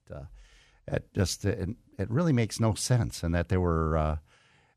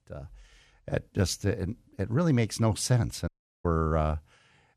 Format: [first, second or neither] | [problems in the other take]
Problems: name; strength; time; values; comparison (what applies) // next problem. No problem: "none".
first | audio cutting out; at 3.5 s